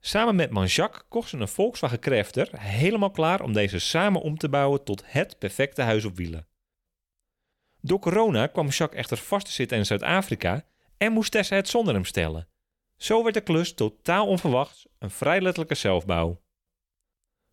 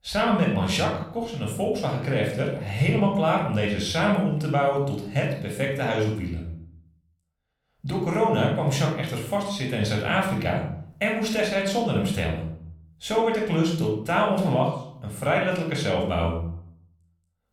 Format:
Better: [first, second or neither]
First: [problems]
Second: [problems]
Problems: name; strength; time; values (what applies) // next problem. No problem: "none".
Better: first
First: none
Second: off-mic speech; somewhat distant // room echo; noticeable; dies away in 0.6 s